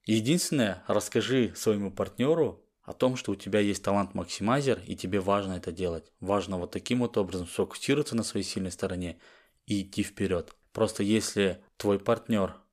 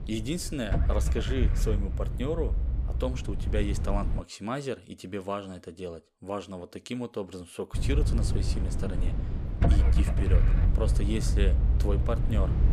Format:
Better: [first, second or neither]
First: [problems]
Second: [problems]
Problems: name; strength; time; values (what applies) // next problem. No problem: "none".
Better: first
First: none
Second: low rumble; loud; until 4 s and from 7.5 s on; 5 dB below the speech